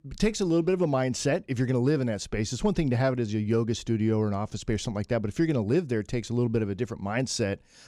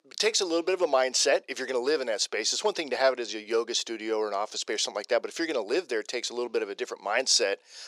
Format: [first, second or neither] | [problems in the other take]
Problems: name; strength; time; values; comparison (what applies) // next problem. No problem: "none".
first | thin; very; fading below 450 Hz